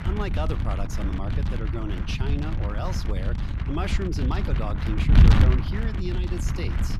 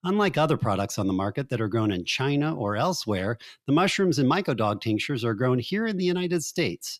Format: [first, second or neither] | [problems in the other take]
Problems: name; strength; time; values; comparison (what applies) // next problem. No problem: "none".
second | wind noise on the microphone; heavy; 1 dB below the speech